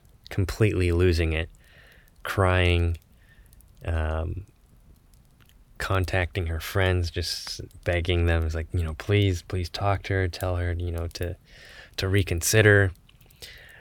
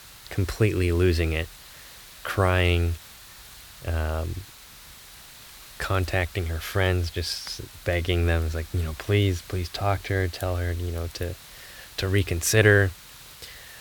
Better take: first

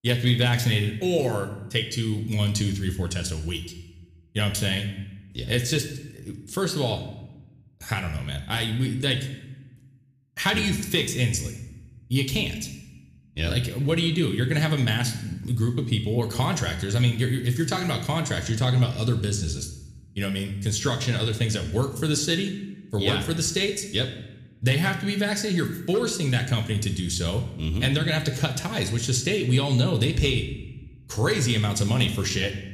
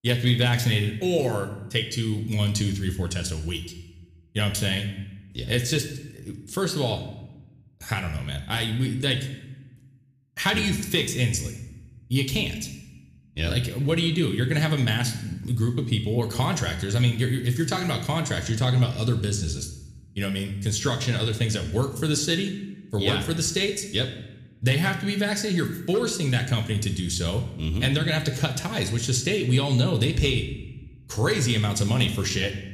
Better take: neither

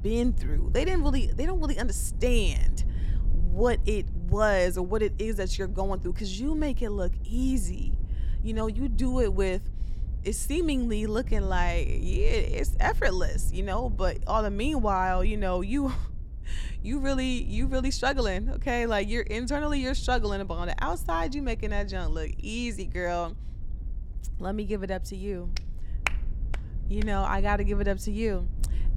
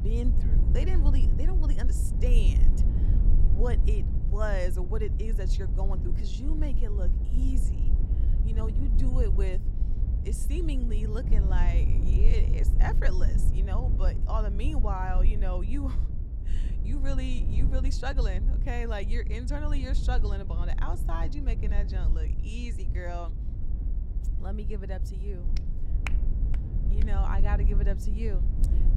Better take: first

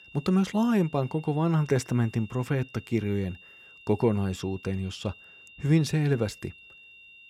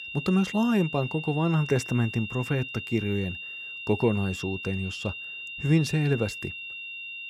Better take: first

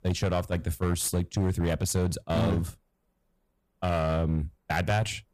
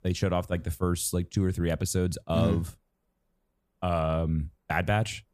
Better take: second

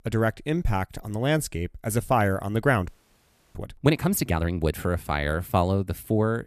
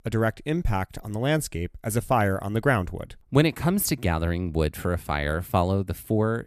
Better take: second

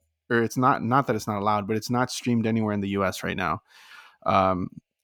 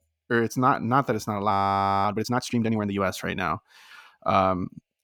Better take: first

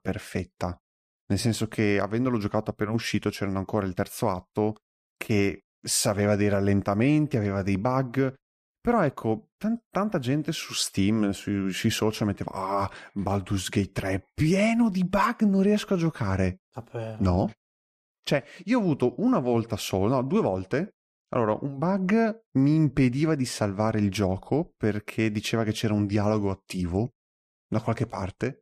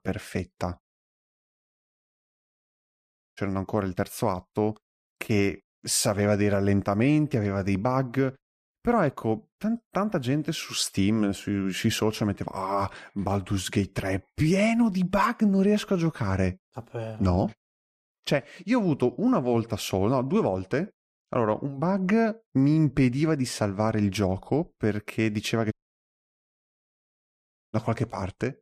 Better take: first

